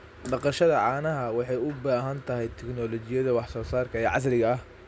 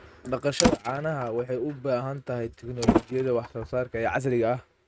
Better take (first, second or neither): first